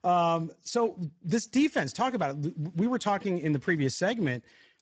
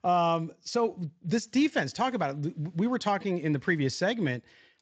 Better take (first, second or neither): second